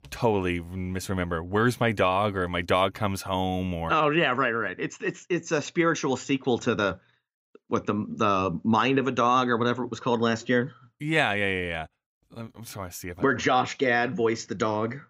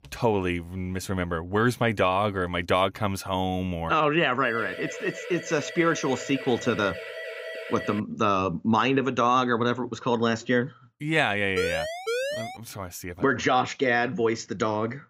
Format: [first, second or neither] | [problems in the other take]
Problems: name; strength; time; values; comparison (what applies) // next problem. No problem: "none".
first | siren; noticeable; from 4.5 to 8 s and from 12 to 13 s; peak 3 dB below the speech